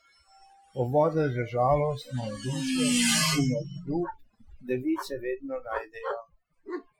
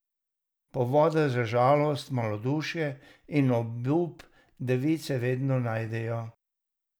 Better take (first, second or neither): second